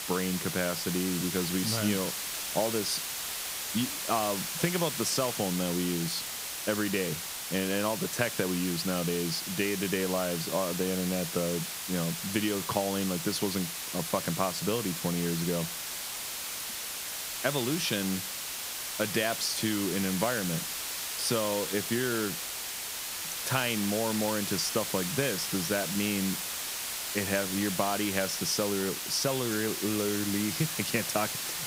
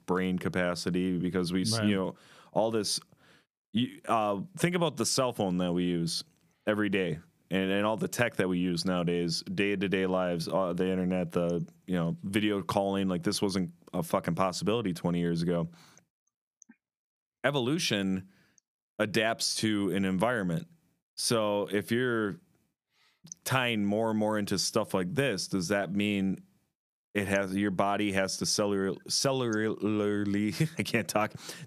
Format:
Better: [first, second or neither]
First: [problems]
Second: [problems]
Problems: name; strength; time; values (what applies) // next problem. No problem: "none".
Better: second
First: hiss; loud; throughout; 2 dB below the speech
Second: none